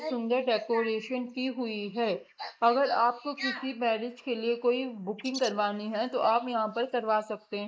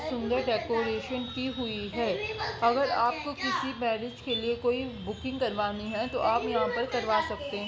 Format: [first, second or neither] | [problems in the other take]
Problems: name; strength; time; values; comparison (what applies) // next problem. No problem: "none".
second | noise reduction (neural mask model Resemble Enhance denoiser)